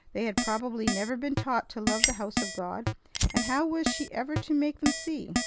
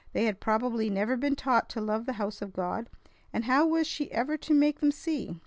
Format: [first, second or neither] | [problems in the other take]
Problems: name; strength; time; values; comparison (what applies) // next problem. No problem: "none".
second | background sound (Keyboard (musical) + Fire); 1 dB below the speech